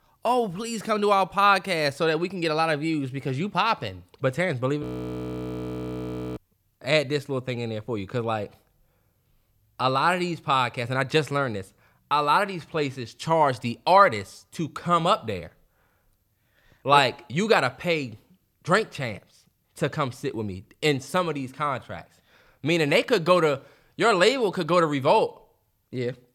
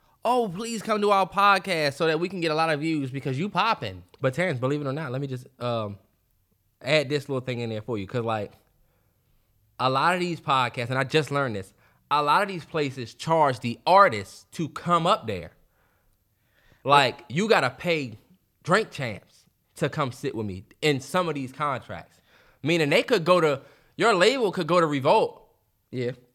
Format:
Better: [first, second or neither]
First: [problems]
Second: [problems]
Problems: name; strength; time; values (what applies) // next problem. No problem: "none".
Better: second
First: audio freezing; at 5 s for 1.5 s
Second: none